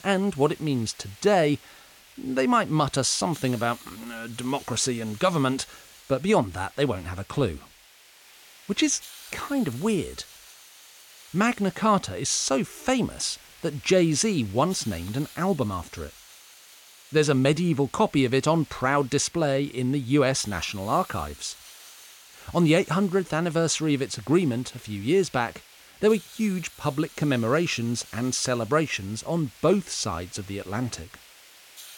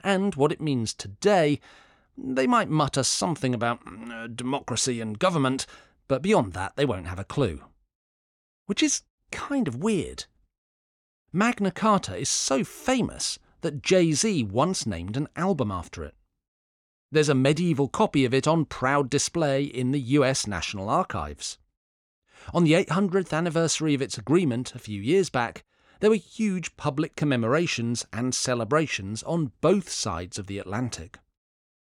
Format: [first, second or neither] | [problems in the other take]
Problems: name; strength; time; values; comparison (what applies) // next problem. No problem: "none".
second | hiss; faint; throughout; 20 dB below the speech